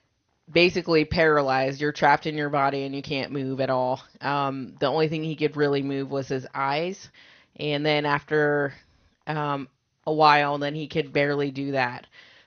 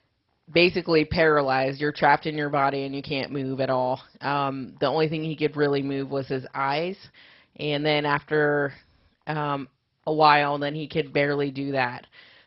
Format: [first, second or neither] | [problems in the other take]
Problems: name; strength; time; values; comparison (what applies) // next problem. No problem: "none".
first | garbled, watery; badly; nothing above 5 kHz; slightly in the first